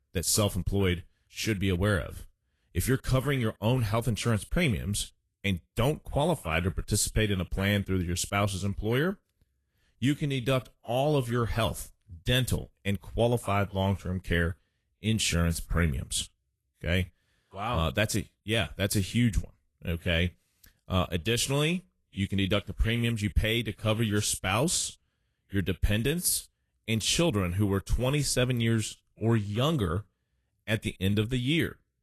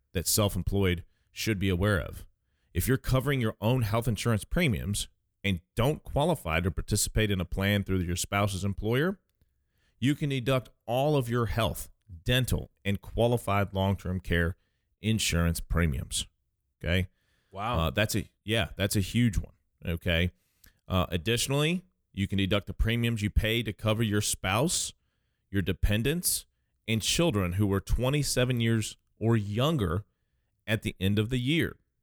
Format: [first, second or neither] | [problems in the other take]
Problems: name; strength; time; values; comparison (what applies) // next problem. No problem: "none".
second | garbled, watery; slightly; nothing above 12.5 kHz